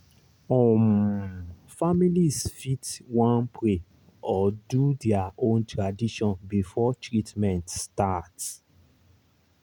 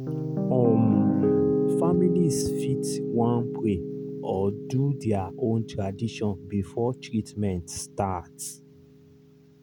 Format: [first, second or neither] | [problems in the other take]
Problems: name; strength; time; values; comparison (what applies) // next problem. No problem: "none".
first | background sound (Piano); 1 dB below the speech